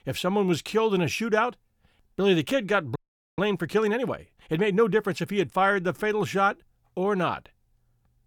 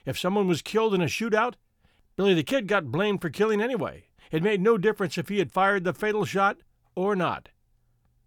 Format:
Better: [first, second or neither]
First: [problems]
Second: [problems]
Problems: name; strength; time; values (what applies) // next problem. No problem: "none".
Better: second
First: audio freezing; at 3 s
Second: none